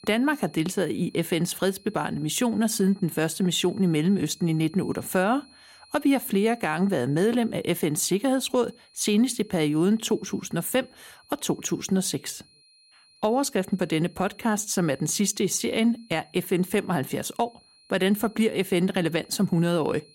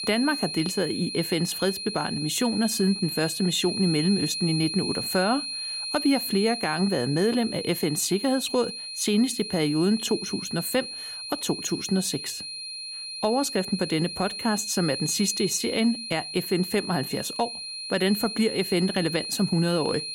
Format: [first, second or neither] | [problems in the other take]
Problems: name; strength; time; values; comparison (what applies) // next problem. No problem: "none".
first | high-pitched whine; loud; throughout; 4 kHz, 6 dB below the speech; faint in the first